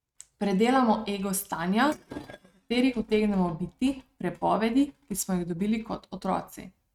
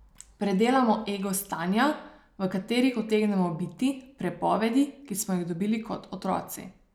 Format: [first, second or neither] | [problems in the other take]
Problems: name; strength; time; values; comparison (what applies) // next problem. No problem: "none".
second | noise reduction (neural mask model RNNoise)